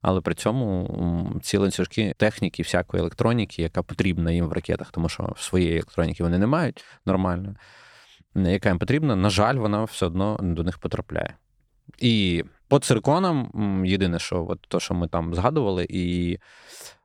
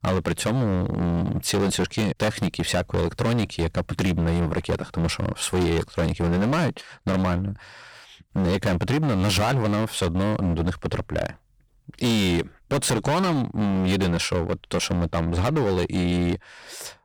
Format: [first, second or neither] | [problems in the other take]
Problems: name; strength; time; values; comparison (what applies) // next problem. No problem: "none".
first | distortion; heavy; 21% of the sound clipped